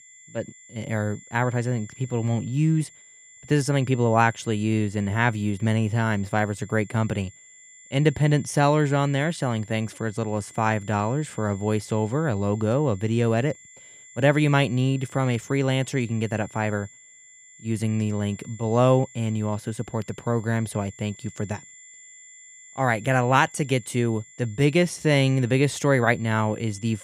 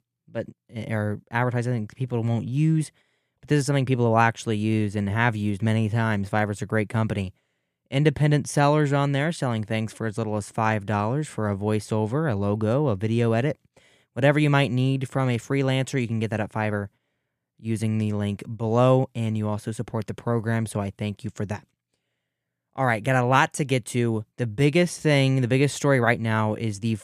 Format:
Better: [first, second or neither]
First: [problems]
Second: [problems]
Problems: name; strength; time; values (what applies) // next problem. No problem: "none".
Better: second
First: high-pitched whine; faint; throughout; 7.5 kHz, 20 dB below the speech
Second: none